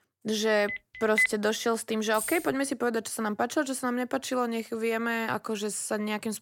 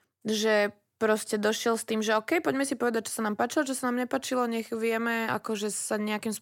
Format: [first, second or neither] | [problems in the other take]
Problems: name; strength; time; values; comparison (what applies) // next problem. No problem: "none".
second | phone ringing; loud; at 0.5 s; peak 3 dB above the speech // jangling keys; noticeable; at 2 s; peak 6 dB below the speech